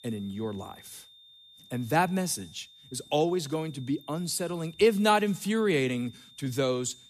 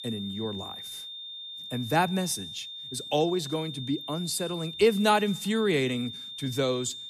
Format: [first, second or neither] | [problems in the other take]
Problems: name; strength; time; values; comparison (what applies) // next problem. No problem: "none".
first | high-pitched whine; loud; throughout; 3.5 kHz, 9 dB below the speech; faint in the first